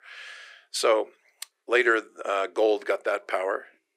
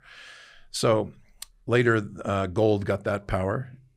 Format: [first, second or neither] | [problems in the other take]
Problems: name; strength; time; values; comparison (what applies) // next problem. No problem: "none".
second | thin; very; fading below 350 Hz